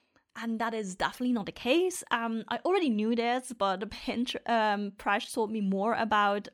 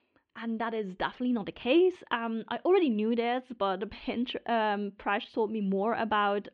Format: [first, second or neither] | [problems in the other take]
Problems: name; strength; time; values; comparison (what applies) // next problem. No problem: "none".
first | muffled; slightly; fading above 3.5 kHz